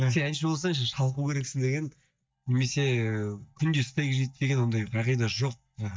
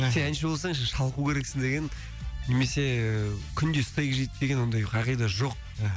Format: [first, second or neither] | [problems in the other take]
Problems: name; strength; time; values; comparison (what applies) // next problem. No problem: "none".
second | noise reduction (neural mask model DeepFilterNet 3)